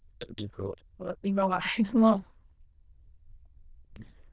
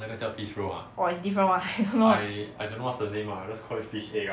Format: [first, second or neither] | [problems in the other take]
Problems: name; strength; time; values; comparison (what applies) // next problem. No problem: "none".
second | noise reduction (neural diffusion model UNIVERSE++)